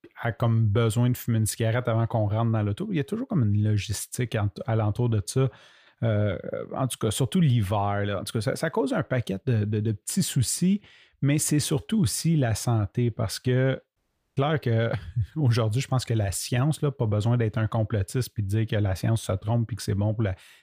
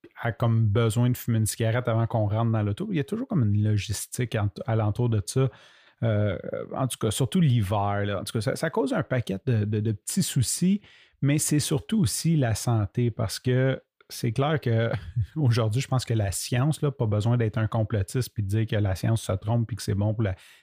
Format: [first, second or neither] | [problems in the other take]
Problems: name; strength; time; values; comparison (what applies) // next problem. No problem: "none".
second | audio cutting out; at 14 s